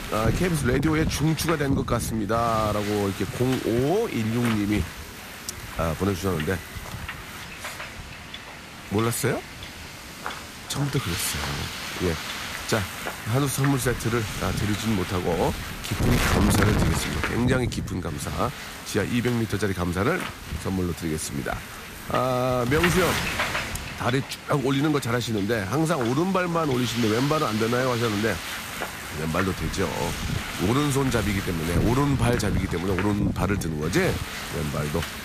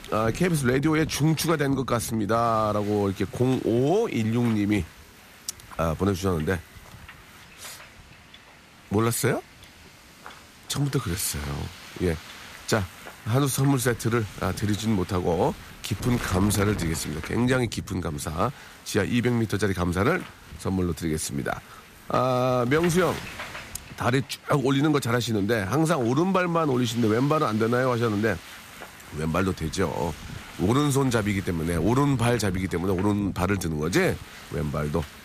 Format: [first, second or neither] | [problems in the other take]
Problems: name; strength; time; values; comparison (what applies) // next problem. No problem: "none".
second | wind noise on the microphone; heavy; 4 dB below the speech; occasional gusts in the second